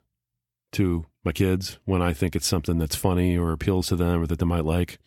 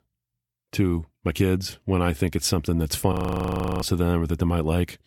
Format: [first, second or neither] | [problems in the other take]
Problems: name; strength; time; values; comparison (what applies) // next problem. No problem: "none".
first | audio freezing; at 3 s for 0.5 s